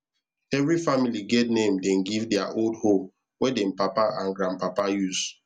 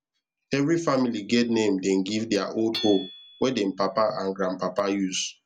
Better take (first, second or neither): first